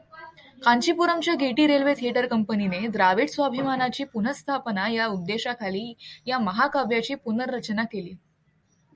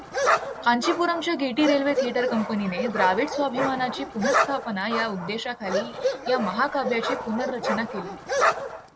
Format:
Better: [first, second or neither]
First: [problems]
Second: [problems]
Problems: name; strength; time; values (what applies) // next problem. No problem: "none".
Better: first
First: none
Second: background sound (Bark); 1 dB below the speech